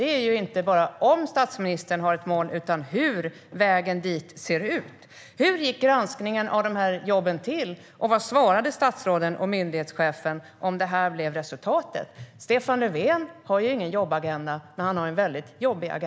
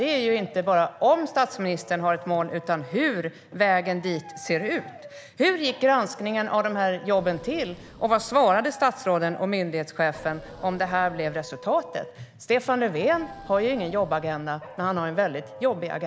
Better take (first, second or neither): first